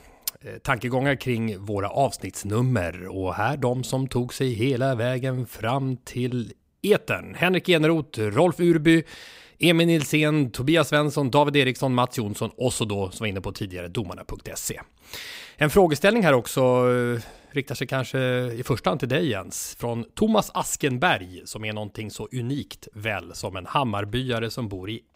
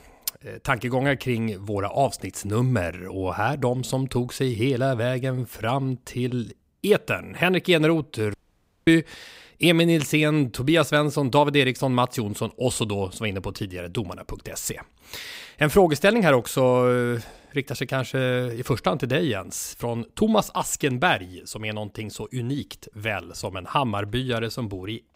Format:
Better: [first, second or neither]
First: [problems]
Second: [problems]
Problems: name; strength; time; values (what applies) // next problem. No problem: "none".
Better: first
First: none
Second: audio cutting out; at 8.5 s for 0.5 s